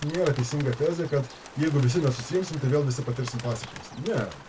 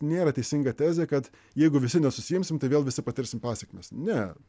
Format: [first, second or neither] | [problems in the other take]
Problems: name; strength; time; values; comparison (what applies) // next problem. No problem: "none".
second | background sound (Bird); 15 dB below the speech // room echo; dies away in 0.1 s